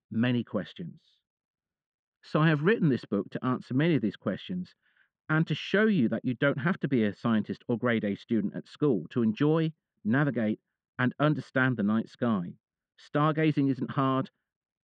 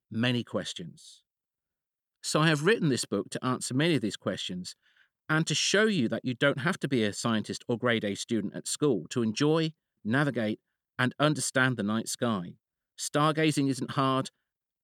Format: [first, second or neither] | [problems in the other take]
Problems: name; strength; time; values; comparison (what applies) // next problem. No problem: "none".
second | muffled; very; fading above 2.5 kHz